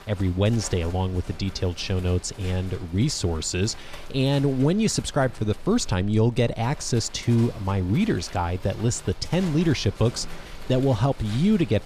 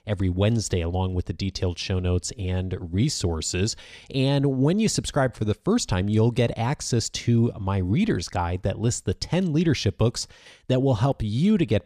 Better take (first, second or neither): second